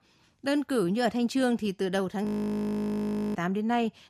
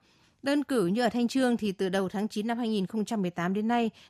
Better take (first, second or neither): second